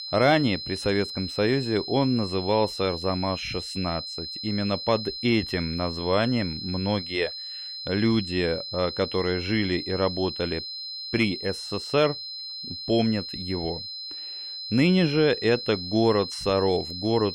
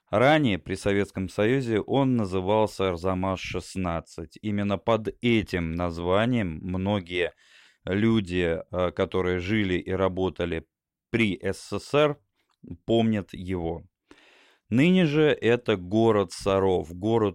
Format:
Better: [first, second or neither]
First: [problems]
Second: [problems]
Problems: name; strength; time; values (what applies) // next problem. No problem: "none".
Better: second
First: high-pitched whine; loud; throughout; 4 kHz, 7 dB below the speech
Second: none